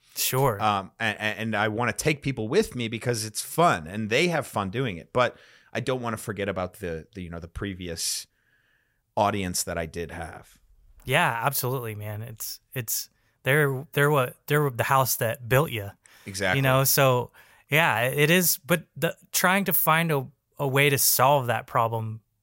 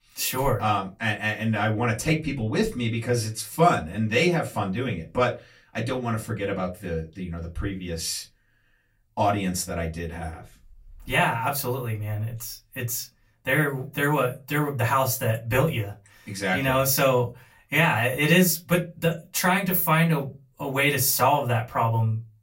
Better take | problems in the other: first | off-mic speech; far // room echo; very slight; dies away in 0.2 s

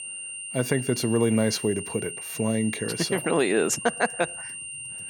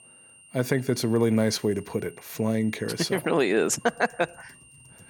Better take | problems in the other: second | high-pitched whine; loud; throughout; 3 kHz, 8 dB below the speech; faint in the second

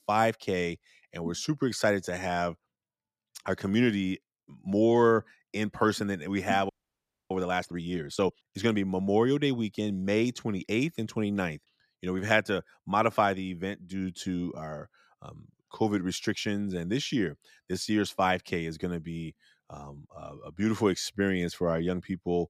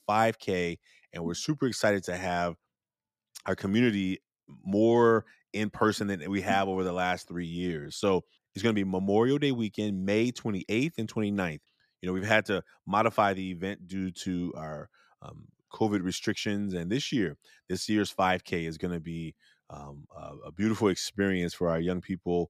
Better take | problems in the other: second | audio freezing; at 6.5 s for 0.5 s

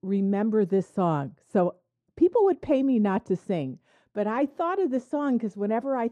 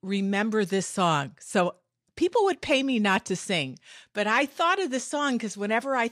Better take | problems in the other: second | muffled; very; fading above 1.5 kHz

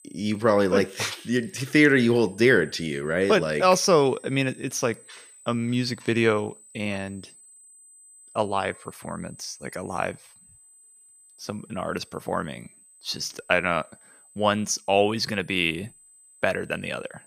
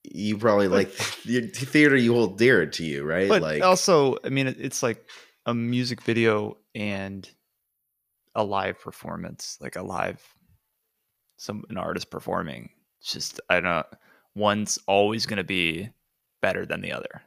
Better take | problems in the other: second | high-pitched whine; faint; throughout; 8 kHz, 25 dB below the speech

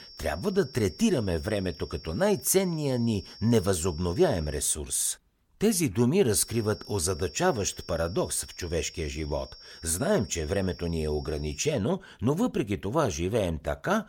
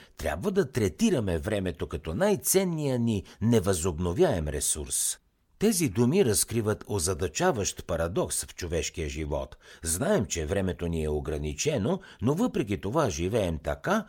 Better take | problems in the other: second | high-pitched whine; noticeable; until 4.5 s and from 6.5 to 12 s; 5.5 kHz, 20 dB below the speech

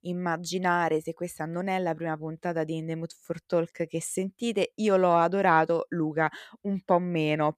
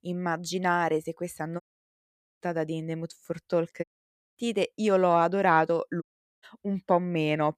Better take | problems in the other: first | audio cutting out; at 1.5 s for 1 s, at 4 s for 0.5 s and at 6 s

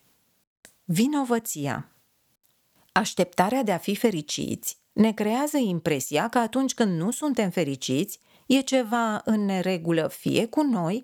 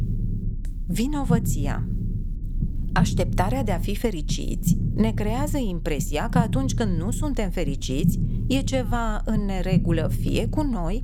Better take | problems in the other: first | low rumble; loud; throughout; 9 dB below the speech

